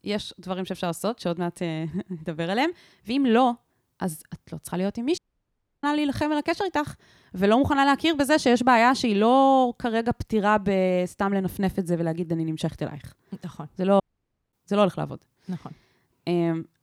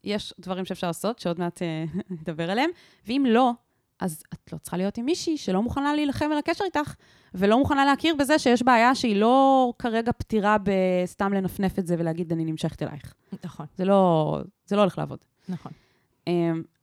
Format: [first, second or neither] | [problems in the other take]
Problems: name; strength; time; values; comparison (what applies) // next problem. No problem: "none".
second | audio cutting out; at 5 s for 0.5 s and at 14 s for 0.5 s